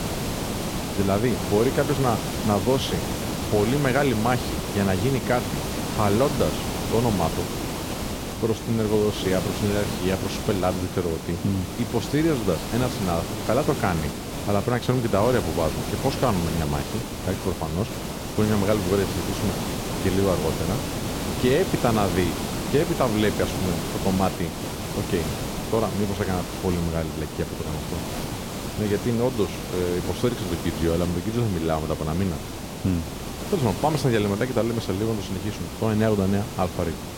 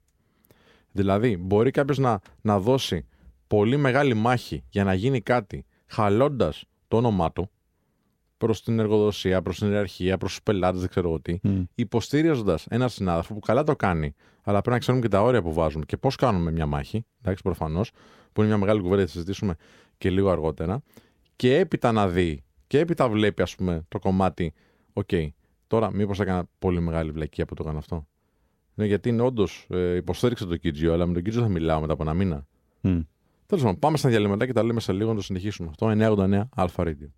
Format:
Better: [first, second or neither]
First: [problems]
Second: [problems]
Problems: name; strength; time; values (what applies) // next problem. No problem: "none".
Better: second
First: hiss; loud; throughout; 4 dB below the speech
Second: none